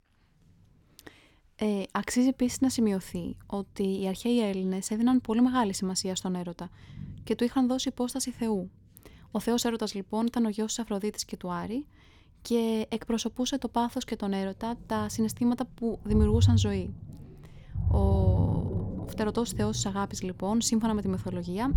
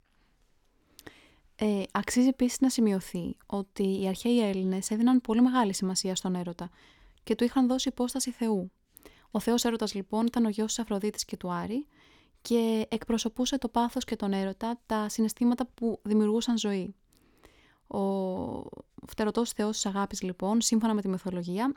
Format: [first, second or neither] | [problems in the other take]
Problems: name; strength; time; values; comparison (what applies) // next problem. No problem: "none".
second | rain or running water; loud; throughout; 2 dB below the speech